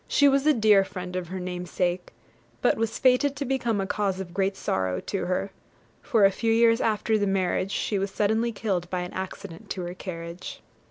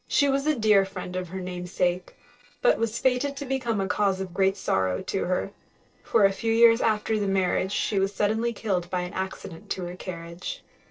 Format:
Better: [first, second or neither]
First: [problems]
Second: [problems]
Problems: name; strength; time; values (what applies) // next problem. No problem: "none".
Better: first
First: none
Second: noise reduction (neural separator model SepFormer DNS4)